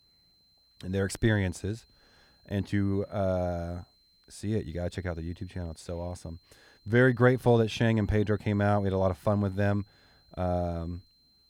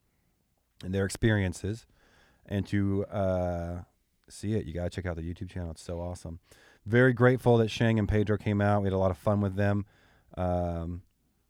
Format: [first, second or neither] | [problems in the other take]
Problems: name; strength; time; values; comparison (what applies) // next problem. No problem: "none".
second | high-pitched whine; faint; throughout; 4 kHz, 35 dB below the speech